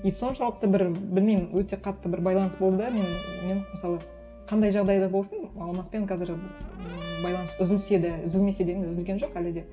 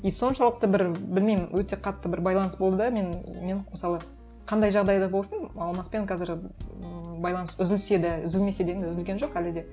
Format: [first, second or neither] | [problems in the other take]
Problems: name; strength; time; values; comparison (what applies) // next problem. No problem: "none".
second | background sound (Brass instrument); 19 dB below the speech // room echo; dies away in 2.3 s